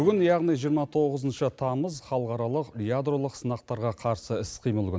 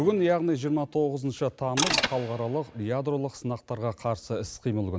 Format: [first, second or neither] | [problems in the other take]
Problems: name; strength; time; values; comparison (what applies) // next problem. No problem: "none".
first | background sound (Mechanisms); 4 dB below the speech